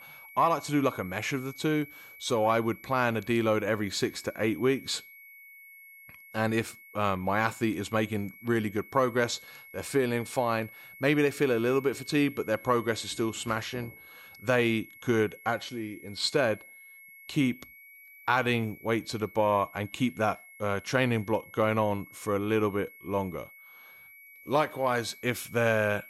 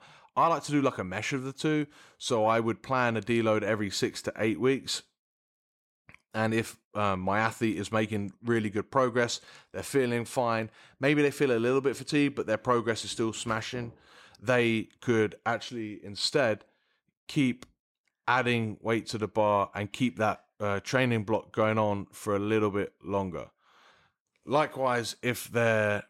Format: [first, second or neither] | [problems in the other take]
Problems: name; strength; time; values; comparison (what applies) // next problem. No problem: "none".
second | high-pitched whine; noticeable; throughout; 2 kHz, 20 dB below the speech